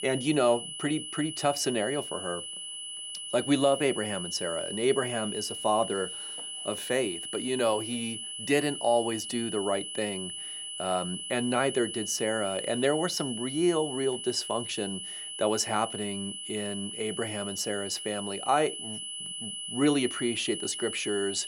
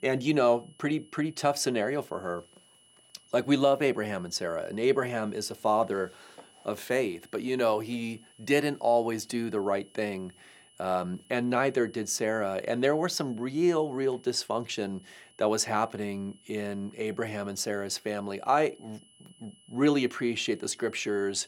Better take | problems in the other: second | high-pitched whine; loud; throughout; 3 kHz, 6 dB below the speech; faint in the second

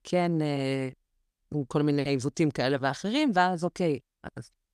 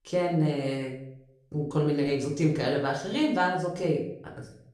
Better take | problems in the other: first | room echo; slight; dies away in 0.5 s // off-mic speech; far

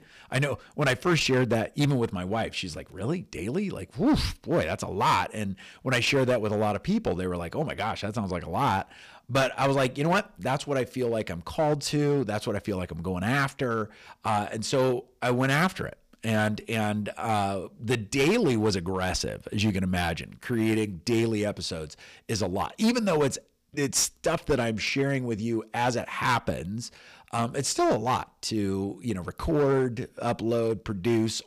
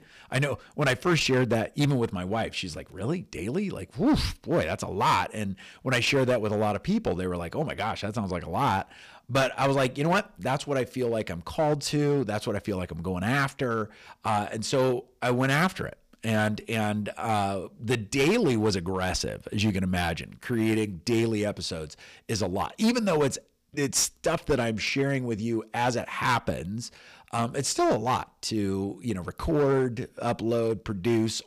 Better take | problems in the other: neither | distortion; slight; 5% of the sound clipped; the same in both

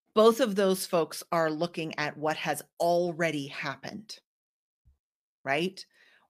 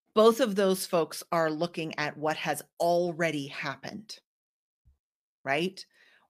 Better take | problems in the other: neither | none

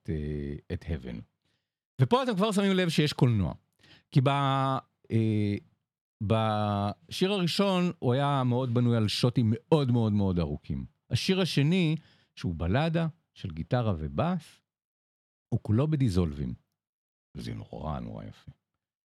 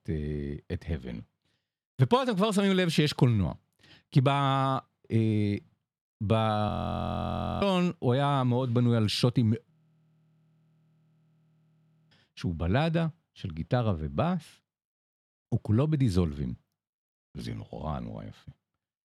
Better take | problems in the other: first | audio freezing; at 6.5 s for 1 s and at 9.5 s for 2.5 s

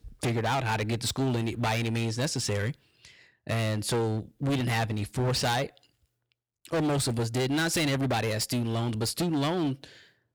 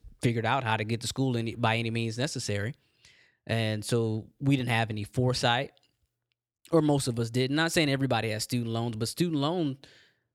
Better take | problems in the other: second | distortion; heavy; 18% of the sound clipped

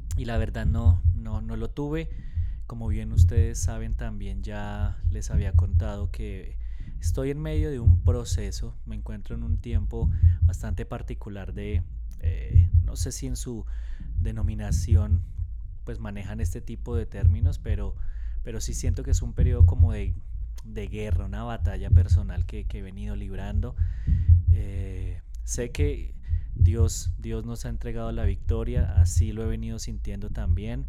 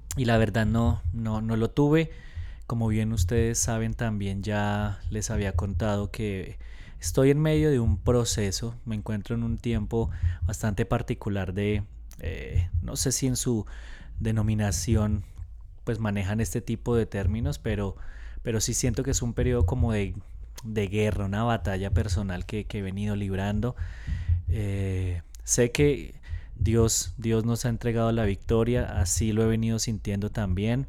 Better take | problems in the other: second | low rumble; loud; throughout; 4 dB below the speech; faint in the second

